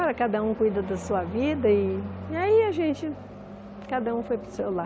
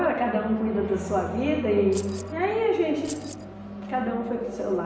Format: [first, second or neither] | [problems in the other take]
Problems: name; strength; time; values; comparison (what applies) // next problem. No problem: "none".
first | background sound (Keys jangling); 18 dB below the speech // room echo; dies away in 0.9 s